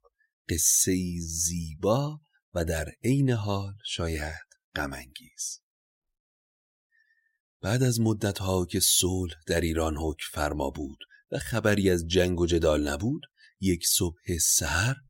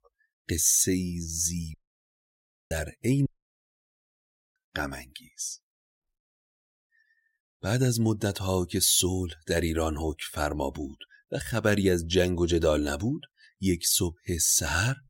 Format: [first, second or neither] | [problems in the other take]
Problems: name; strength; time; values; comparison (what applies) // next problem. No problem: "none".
first | audio cutting out; at 1.5 s for 1 s and at 3.5 s for 1.5 s